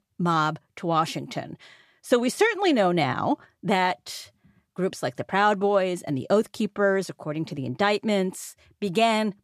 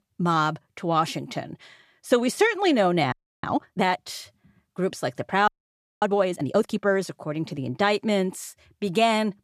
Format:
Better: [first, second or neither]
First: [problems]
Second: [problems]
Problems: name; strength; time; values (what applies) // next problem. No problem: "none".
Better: first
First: none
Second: audio freezing; at 3 s and at 5.5 s for 0.5 s